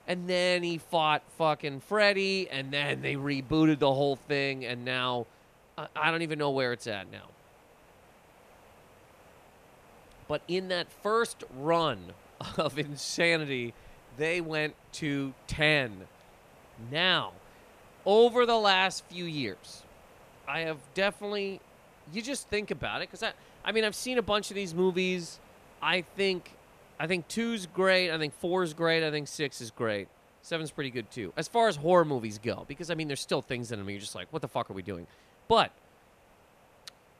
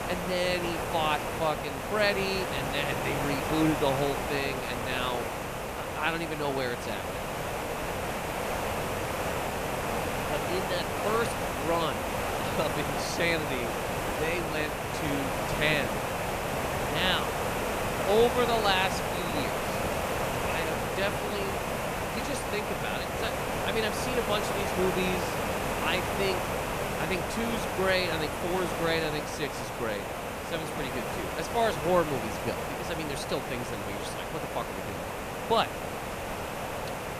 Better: first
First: hiss; faint; throughout; 30 dB below the speech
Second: hiss; loud; throughout; as loud as the speech

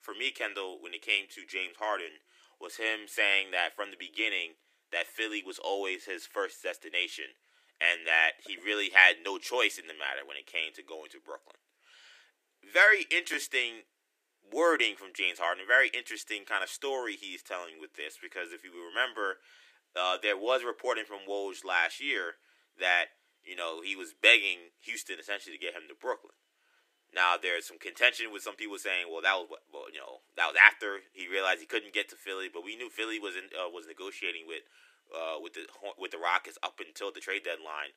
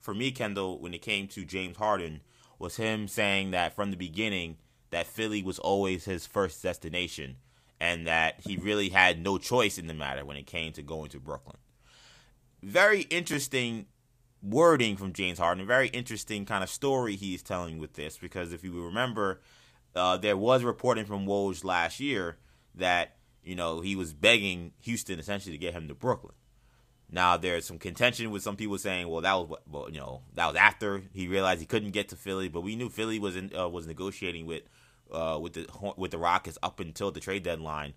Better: second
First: thin; very; fading below 300 Hz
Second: none

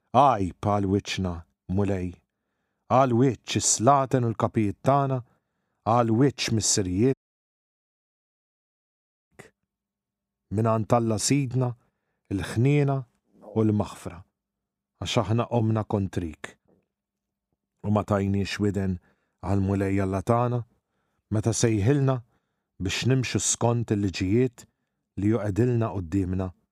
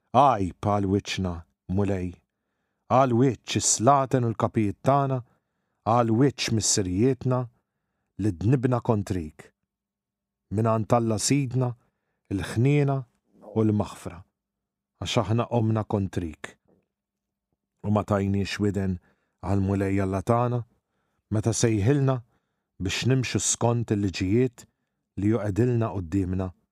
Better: second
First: audio cutting out; at 7 s for 2 s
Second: none

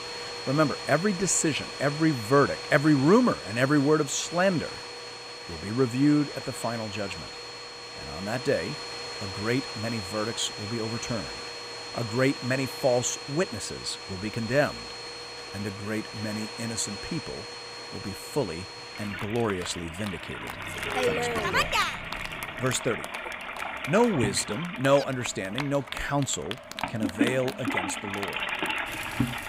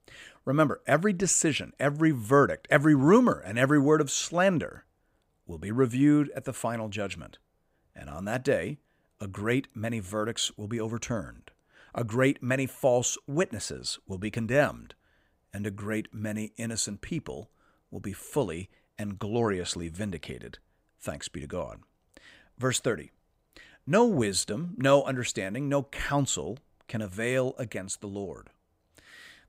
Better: second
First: household noises; loud; throughout; 6 dB below the speech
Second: none

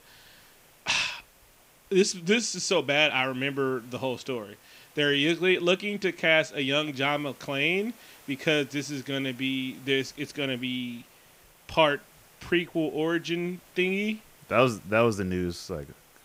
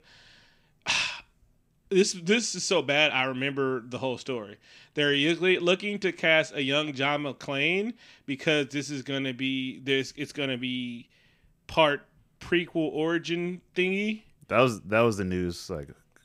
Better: second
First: hiss; faint; throughout; 25 dB below the speech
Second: none

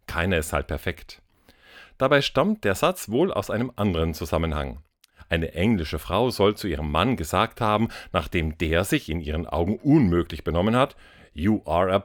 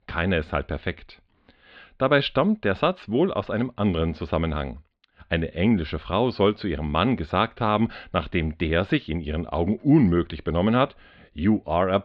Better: first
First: none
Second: muffled; slightly; fading above 4 kHz

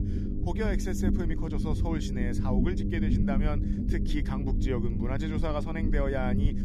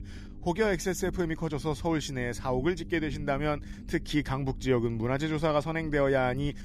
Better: second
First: low rumble; loud; throughout; 3 dB below the speech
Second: low rumble; faint; throughout; 20 dB below the speech

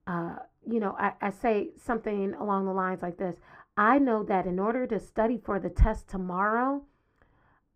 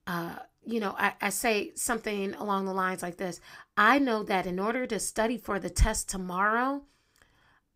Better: second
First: muffled; very; fading above 2.5 kHz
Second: none

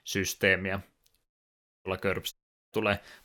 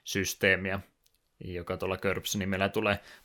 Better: second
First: audio cutting out; at 1.5 s for 0.5 s and at 2.5 s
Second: none

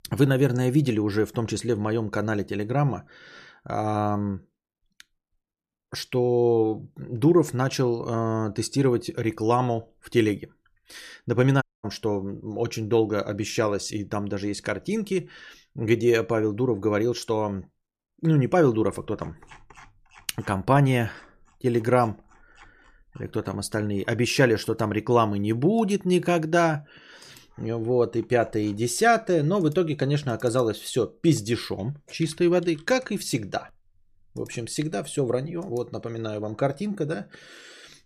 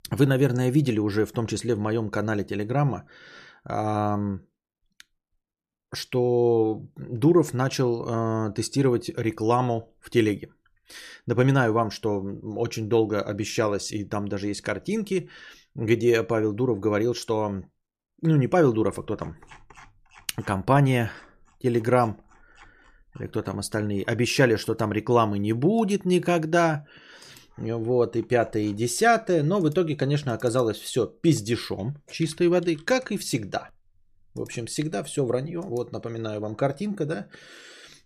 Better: second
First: audio cutting out; at 12 s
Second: none

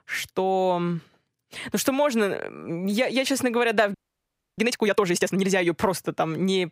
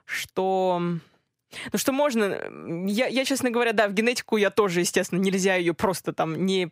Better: second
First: audio freezing; at 4 s for 0.5 s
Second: none

